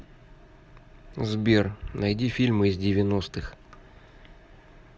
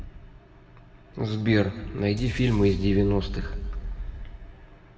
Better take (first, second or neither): first